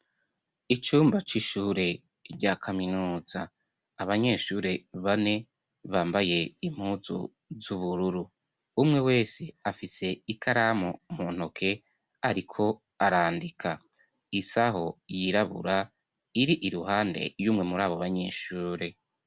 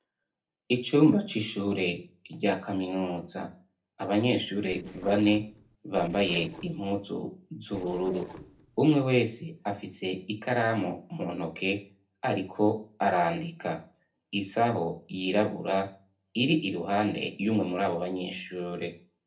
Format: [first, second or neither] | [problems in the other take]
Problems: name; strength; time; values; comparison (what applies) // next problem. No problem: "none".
first | noise reduction (neural separator model SepFormer DNS4)